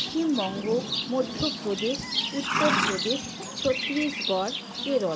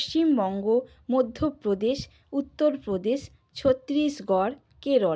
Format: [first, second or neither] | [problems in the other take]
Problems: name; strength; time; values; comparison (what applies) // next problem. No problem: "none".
second | background sound (Livestock, farm animals, working animals); 2 dB below the speech